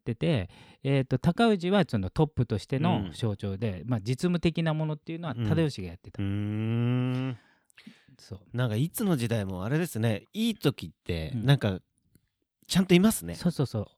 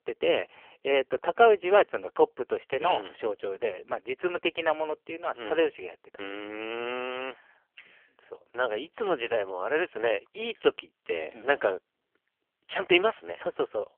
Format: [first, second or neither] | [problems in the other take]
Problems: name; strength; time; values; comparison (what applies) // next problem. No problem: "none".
first | phone-call audio; poor line; nothing above 3 kHz